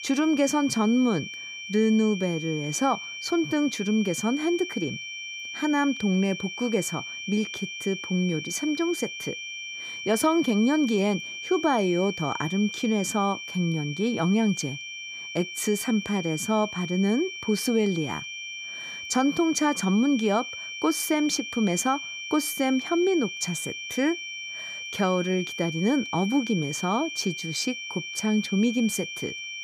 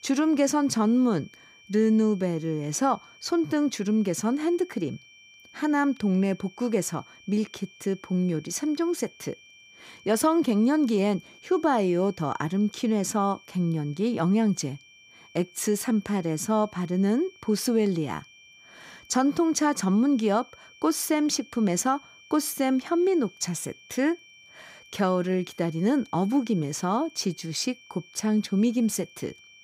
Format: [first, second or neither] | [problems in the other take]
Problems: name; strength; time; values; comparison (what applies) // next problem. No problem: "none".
second | high-pitched whine; loud; throughout; 2.5 kHz, 8 dB below the speech; faint in the second